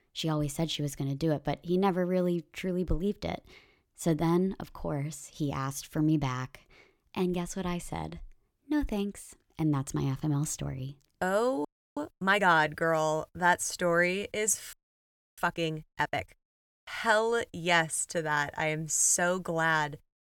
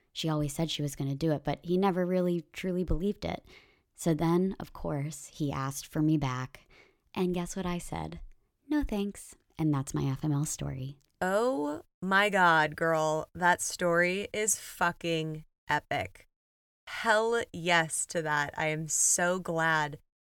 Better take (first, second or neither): second